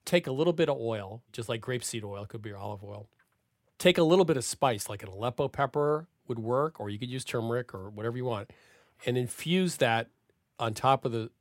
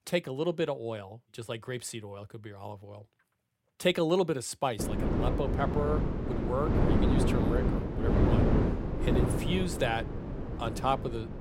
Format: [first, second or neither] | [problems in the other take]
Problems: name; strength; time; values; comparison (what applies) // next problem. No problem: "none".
first | wind noise on the microphone; heavy; from 5 s on; 2 dB below the speech